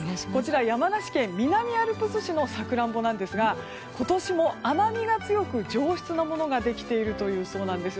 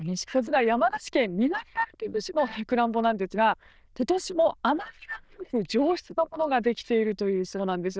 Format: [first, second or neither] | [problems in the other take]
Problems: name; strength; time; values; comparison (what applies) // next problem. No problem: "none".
first | noise reduction (neural diffusion model UNIVERSE++)